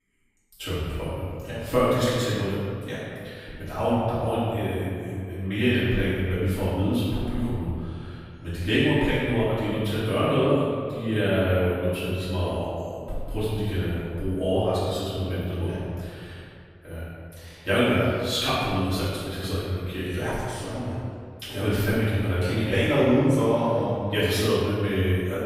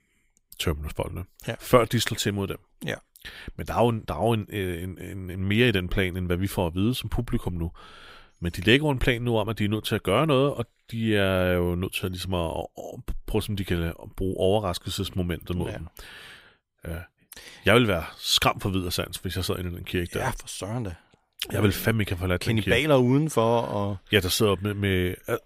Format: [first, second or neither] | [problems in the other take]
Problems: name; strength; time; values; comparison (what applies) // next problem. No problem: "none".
second | off-mic speech; far // room echo; strong; dies away in 1.9 s